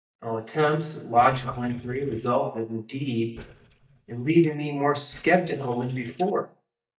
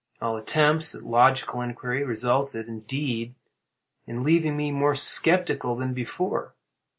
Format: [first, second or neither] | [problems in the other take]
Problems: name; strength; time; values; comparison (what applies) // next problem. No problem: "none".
second | noise reduction (neural mask model DeepFilterNet 3)